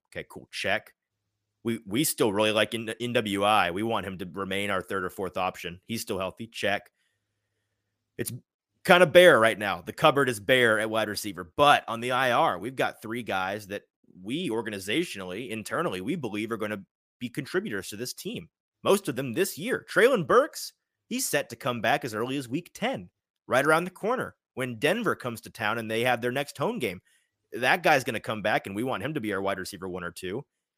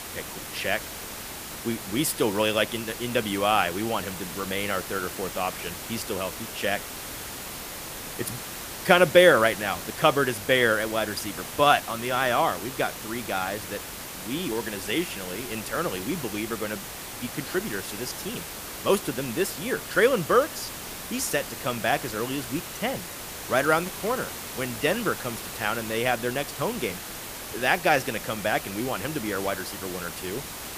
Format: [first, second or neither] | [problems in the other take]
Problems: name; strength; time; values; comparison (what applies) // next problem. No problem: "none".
first | hiss; loud; throughout; 9 dB below the speech